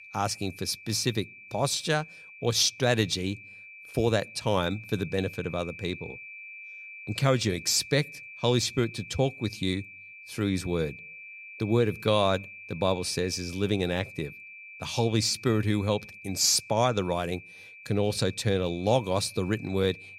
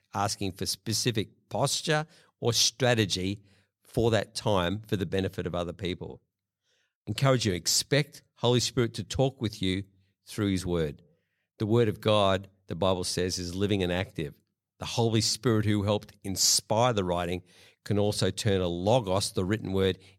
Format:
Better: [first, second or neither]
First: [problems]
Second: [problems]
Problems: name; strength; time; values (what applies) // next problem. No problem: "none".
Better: second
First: high-pitched whine; noticeable; throughout; 2.5 kHz, 15 dB below the speech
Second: none